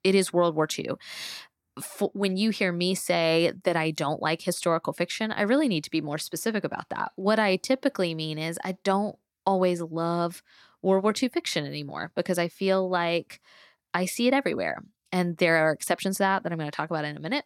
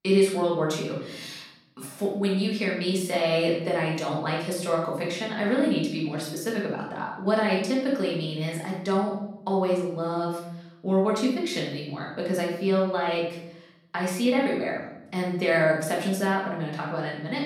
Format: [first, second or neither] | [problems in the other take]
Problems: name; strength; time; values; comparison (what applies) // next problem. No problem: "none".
first | off-mic speech; far // room echo; noticeable; dies away in 0.8 s